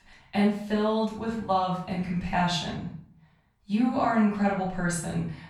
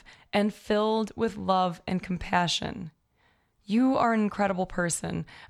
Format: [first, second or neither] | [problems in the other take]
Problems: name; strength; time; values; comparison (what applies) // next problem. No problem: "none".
second | off-mic speech; far // room echo; noticeable; dies away in 0.5 s